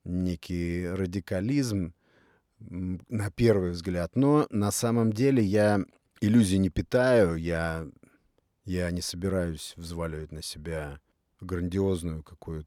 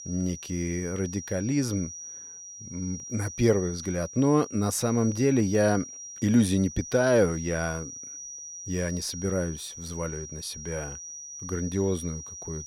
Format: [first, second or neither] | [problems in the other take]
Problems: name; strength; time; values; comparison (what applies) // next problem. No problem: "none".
first | high-pitched whine; noticeable; throughout; 5.5 kHz, 10 dB below the speech